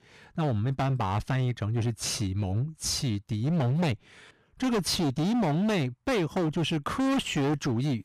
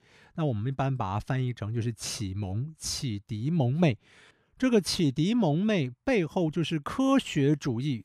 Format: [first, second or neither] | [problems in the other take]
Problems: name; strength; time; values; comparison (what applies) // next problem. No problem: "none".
second | distortion; heavy; 21% of the sound clipped